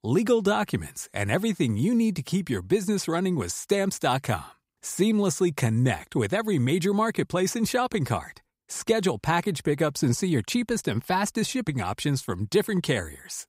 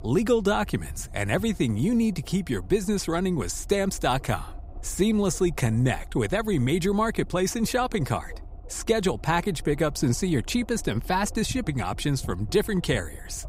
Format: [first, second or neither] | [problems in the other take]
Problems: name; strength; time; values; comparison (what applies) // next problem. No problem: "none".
first | low rumble; faint; throughout; 25 dB below the speech